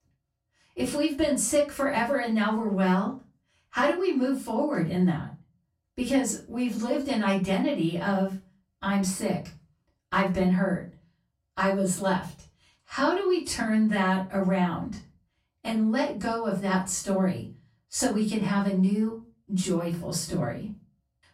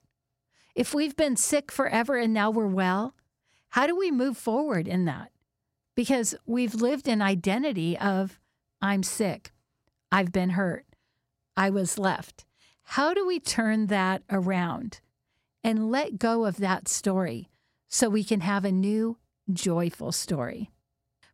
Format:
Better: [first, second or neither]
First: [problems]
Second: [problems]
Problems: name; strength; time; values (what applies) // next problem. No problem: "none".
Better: second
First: off-mic speech; far // room echo; slight; dies away in 0.3 s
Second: none